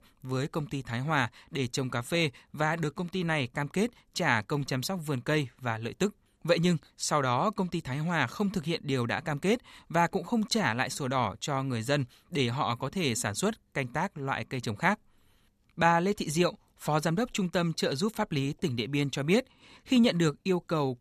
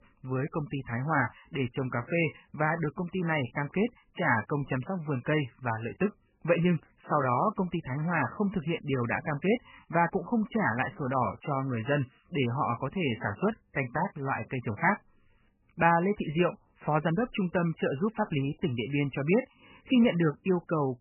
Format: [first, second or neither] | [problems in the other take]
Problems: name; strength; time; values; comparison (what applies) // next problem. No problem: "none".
first | garbled, watery; badly; nothing above 3 kHz